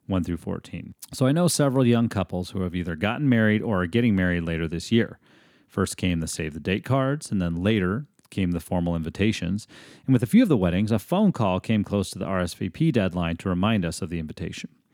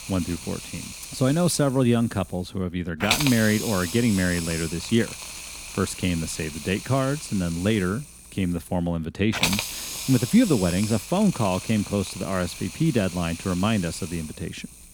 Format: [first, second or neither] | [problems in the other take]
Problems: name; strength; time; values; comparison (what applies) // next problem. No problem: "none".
first | hiss; loud; throughout; 7 dB below the speech